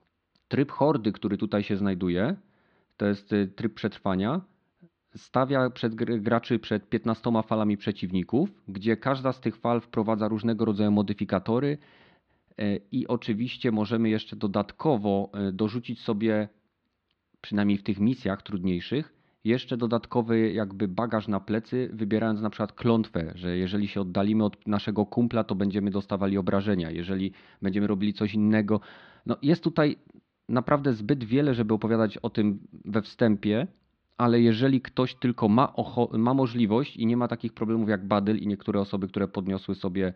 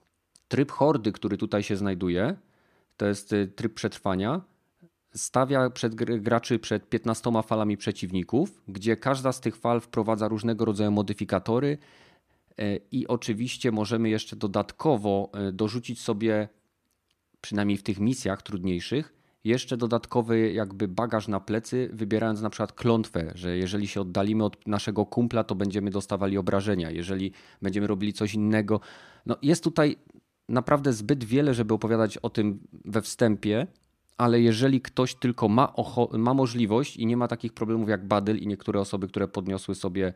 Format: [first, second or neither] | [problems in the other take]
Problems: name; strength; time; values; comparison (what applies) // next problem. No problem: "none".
second | muffled; very slightly; fading above 4 kHz